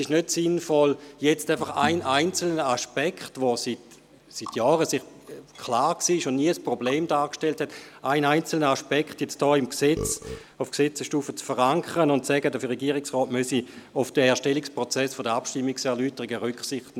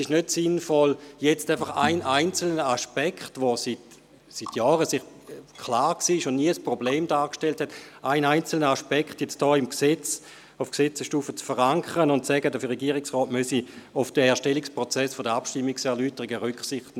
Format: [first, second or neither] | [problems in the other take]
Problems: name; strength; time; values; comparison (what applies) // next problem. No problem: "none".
second | background sound (Burping, eructation); 13 dB below the speech